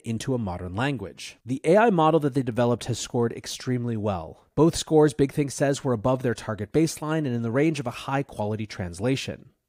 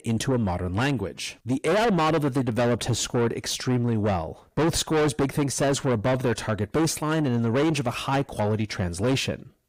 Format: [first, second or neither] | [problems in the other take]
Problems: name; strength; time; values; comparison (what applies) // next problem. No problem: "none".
first | distortion; heavy; 6 dB below the speech